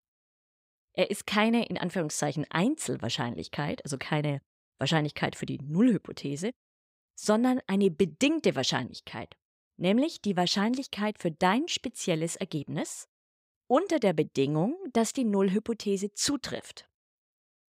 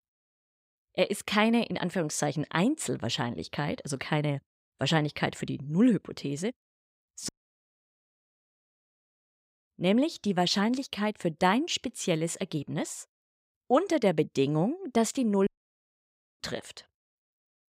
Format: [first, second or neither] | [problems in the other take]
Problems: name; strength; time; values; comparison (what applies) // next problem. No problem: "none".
first | audio cutting out; at 7.5 s for 2.5 s and at 15 s for 1 s